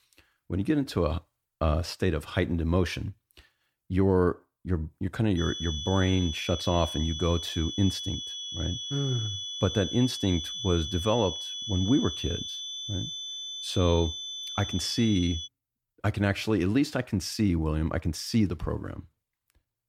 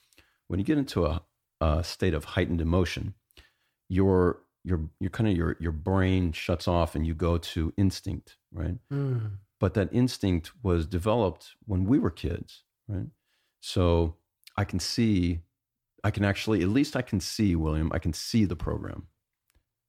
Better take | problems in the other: second | high-pitched whine; loud; from 5.5 to 15 s; 3.5 kHz, 5 dB below the speech

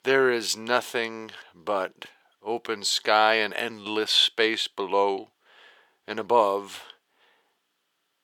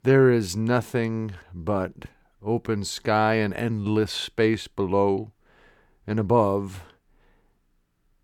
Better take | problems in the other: second | thin; very; fading below 550 Hz

